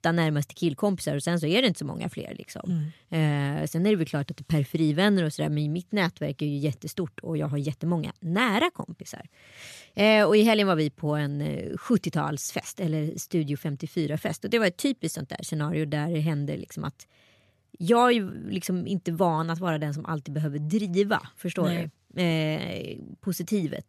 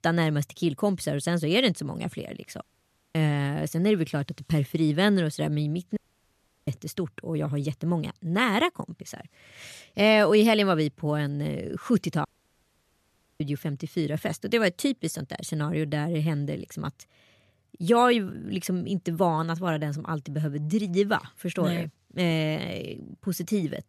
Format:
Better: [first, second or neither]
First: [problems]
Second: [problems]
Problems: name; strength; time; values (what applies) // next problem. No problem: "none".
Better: first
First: none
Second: audio cutting out; at 2.5 s for 0.5 s, at 6 s for 0.5 s and at 12 s for 1 s